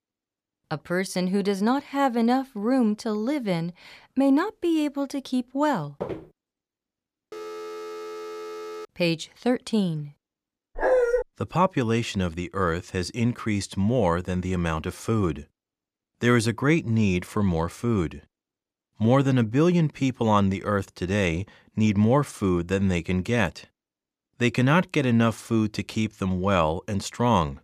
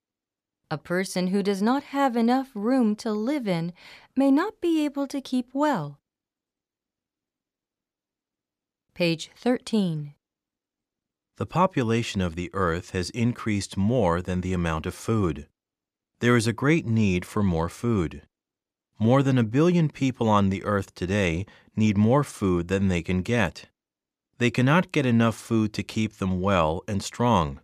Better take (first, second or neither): second